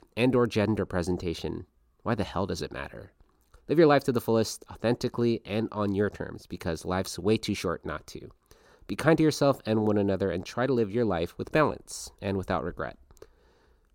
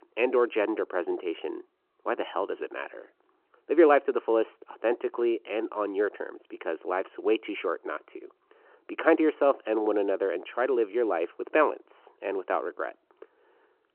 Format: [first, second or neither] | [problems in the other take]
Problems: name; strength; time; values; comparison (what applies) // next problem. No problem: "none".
first | phone-call audio